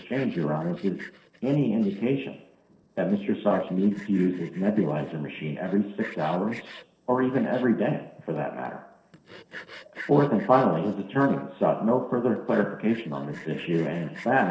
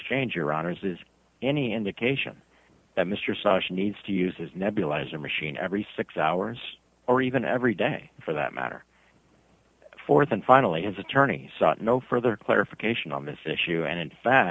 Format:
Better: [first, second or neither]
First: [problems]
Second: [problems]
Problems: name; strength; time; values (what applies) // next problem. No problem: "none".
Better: second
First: noise reduction (neural separator model SepFormer DNS4)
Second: none